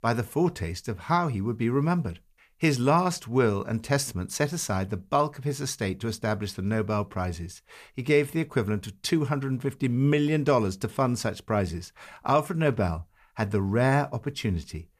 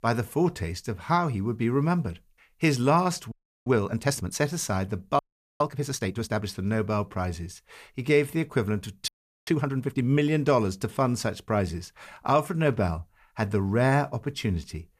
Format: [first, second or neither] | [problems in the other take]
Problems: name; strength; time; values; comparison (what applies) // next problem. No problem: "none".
first | audio freezing; at 3.5 s, at 5 s and at 9 s